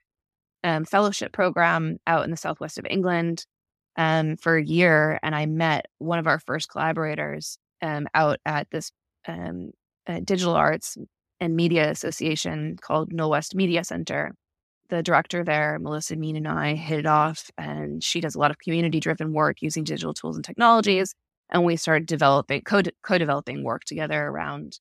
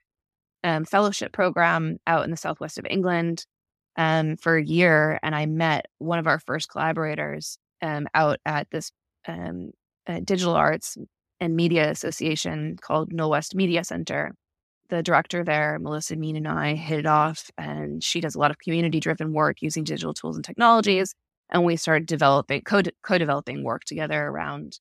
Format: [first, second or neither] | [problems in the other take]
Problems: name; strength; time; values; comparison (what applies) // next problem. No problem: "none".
neither | none